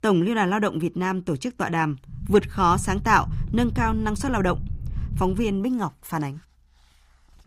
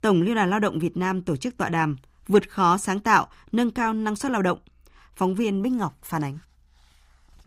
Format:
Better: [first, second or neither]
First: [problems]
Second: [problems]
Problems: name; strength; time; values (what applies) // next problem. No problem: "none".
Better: second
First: low rumble; faint; from 2 to 5.5 s; 20 dB below the speech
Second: none